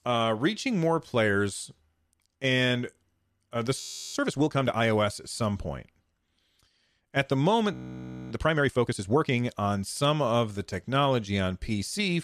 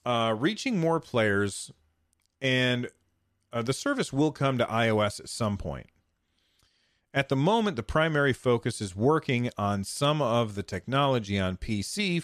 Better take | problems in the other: second | audio freezing; at 4 s and at 7.5 s for 0.5 s

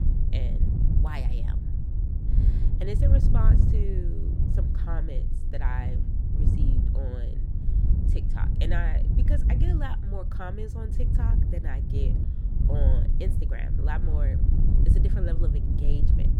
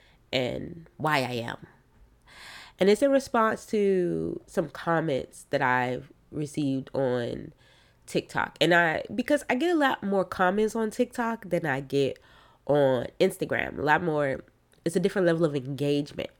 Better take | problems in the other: second | wind noise on the microphone; heavy; 1 dB below the speech

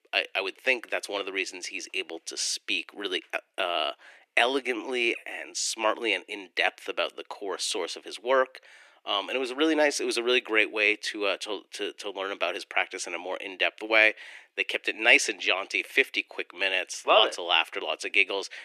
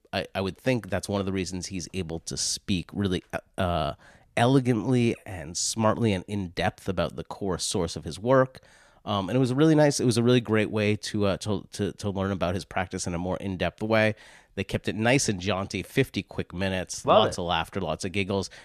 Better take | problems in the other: second | thin; very; fading below 350 Hz

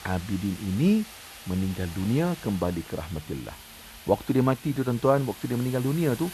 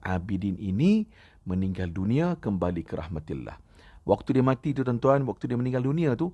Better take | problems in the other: second | hiss; noticeable; throughout; 15 dB below the speech

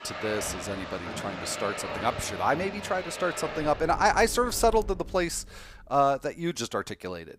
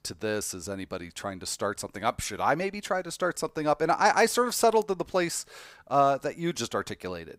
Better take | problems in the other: second | household noises; loud; until 4.5 s; 9 dB below the speech

